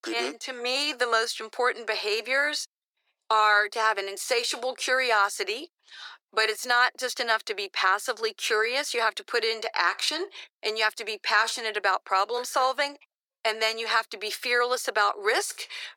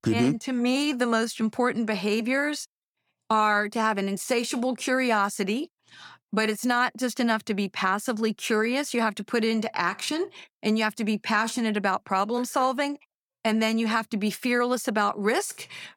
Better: second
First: thin; very; fading below 350 Hz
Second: none

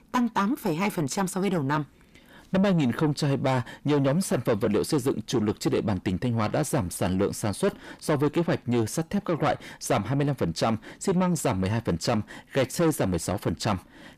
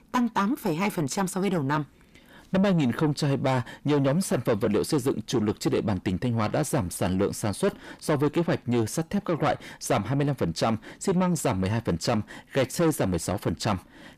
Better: neither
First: distortion; heavy; 7 dB below the speech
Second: distortion; heavy; 7 dB below the speech

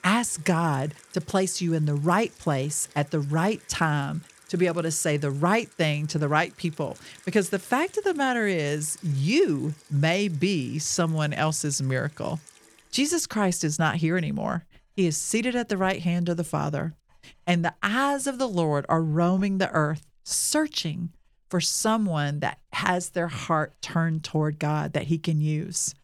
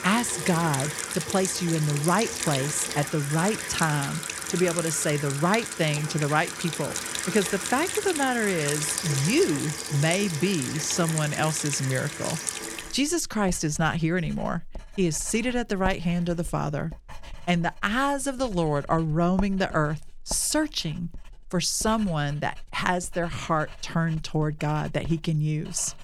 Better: first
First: household noises; faint; throughout; 25 dB below the speech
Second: household noises; loud; throughout; 5 dB below the speech

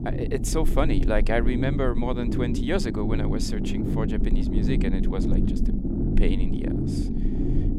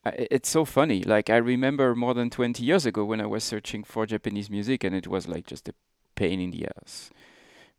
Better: second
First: low rumble; loud; throughout; 4 dB below the speech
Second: none

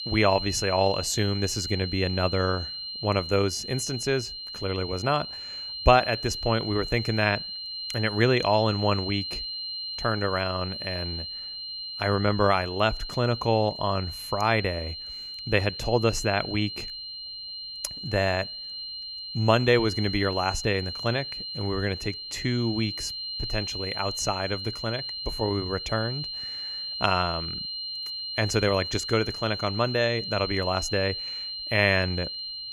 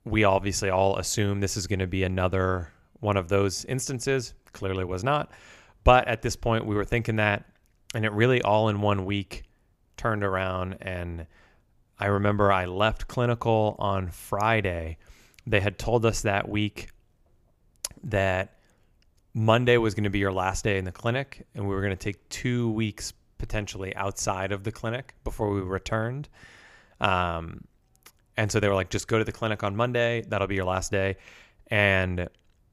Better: second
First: high-pitched whine; loud; throughout; 4 kHz, 6 dB below the speech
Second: none

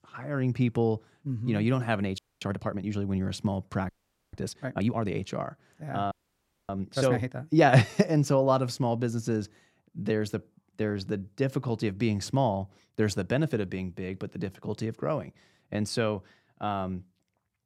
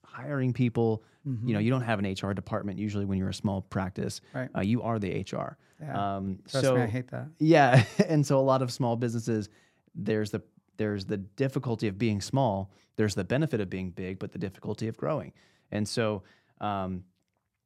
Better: second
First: audio freezing; at 2 s, at 4 s and at 6 s for 0.5 s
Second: none

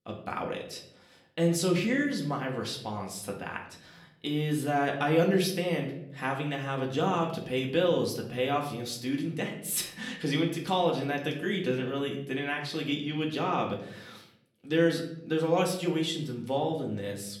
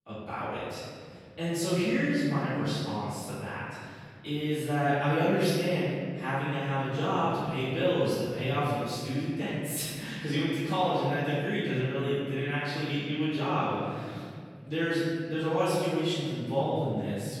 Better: first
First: room echo; slight; dies away in 0.6 s // off-mic speech; somewhat distant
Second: room echo; strong; dies away in 2.5 s // off-mic speech; far

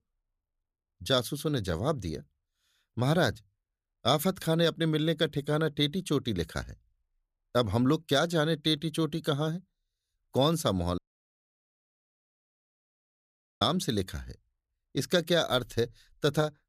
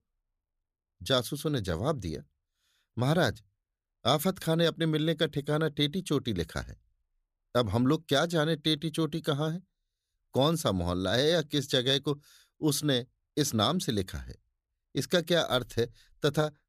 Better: second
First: audio cutting out; at 11 s for 2.5 s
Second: none

